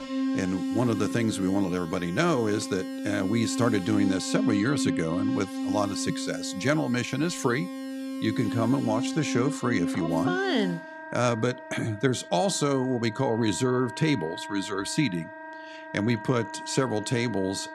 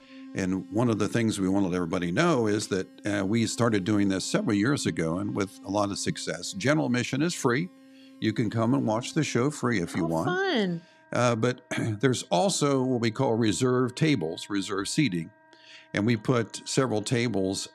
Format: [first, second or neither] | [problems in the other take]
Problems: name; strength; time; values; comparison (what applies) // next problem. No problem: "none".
second | background music; loud; throughout; 6 dB below the speech; faint in the second